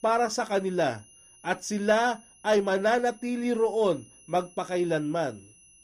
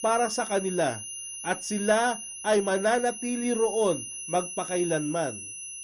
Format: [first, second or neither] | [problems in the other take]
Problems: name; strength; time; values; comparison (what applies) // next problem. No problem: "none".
first | high-pitched whine; loud; throughout; 10.5 kHz, 8 dB below the speech; faint in the first